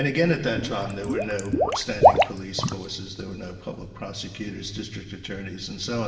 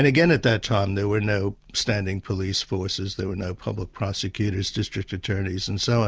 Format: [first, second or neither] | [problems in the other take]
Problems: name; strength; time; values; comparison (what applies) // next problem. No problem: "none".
second | background sound (Water / Liquid); 5 dB above the speech // room echo; dies away in 2.9 s